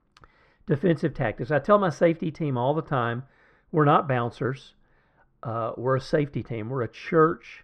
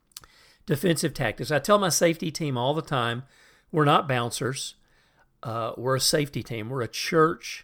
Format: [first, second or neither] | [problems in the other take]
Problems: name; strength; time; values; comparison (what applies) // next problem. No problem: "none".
second | muffled; very; fading above 1.5 kHz